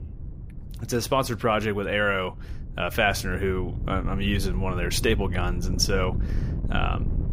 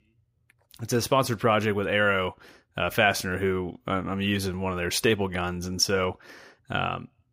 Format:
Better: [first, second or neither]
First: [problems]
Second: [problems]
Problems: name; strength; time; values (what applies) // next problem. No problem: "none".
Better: second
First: wind noise on the microphone; occasional gusts; 20 dB below the speech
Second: none